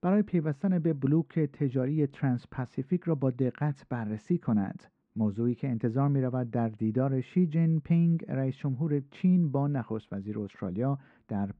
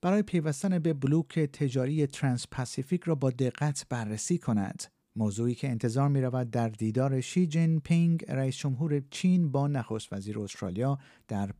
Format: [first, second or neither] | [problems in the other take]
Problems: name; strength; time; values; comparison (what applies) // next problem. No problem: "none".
second | muffled; very; fading above 1.5 kHz